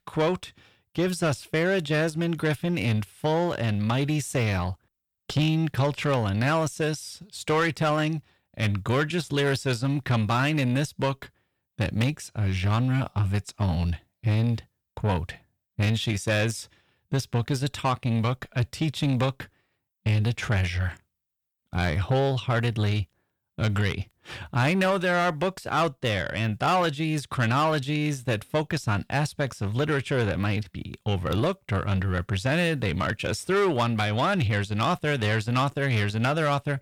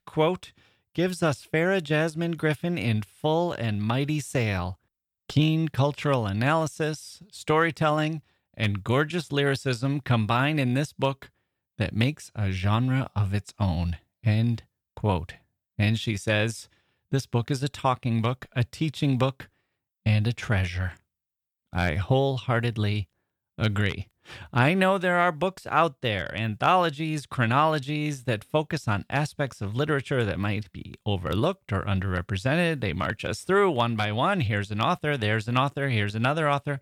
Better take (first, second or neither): second